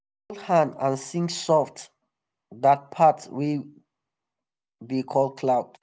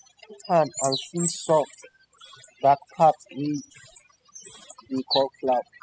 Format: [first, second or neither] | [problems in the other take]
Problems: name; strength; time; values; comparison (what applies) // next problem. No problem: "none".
first | noise reduction (classical method spectral subtraction)